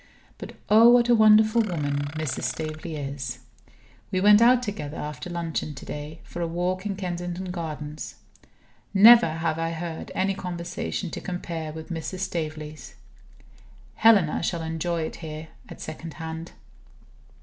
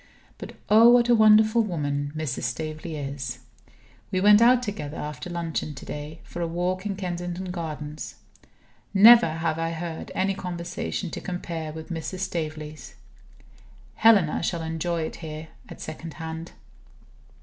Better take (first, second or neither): second